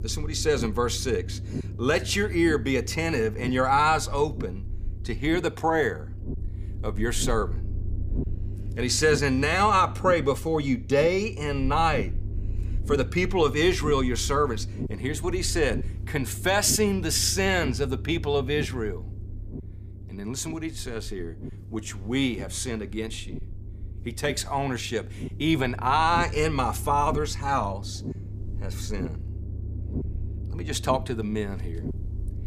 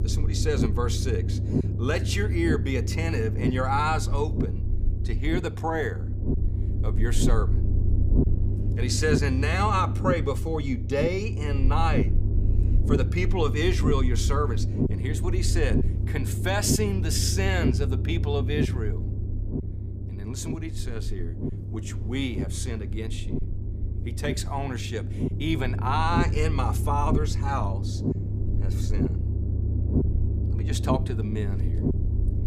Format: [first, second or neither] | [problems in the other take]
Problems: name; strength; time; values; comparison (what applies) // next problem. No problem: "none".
first | low rumble; loud; throughout; 8 dB below the speech; faint in the first